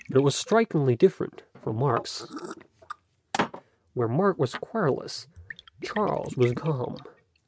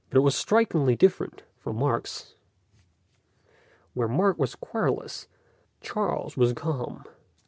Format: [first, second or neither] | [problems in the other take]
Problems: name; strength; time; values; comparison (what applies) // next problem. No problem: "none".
second | noise reduction (neural mask model RNNoise)